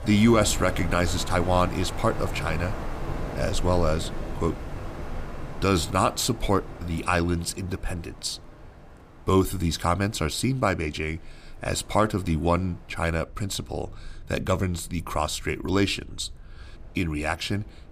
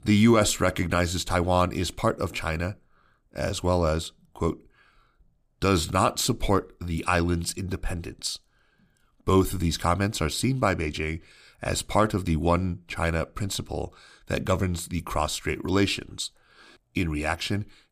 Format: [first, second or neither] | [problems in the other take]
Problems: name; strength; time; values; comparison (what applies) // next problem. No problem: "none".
second | wind in the background; noticeable; throughout; 10 dB below the speech